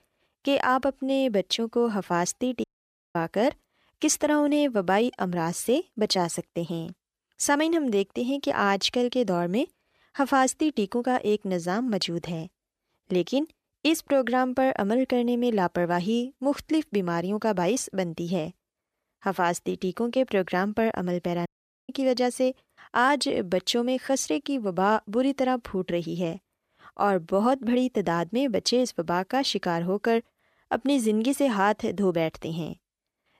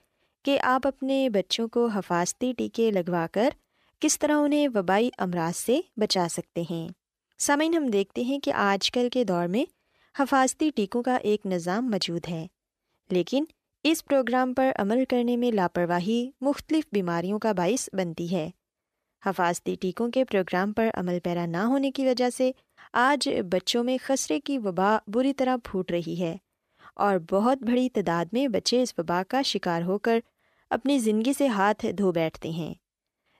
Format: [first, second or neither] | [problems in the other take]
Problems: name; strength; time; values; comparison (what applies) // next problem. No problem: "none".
second | audio cutting out; at 2.5 s for 0.5 s and at 21 s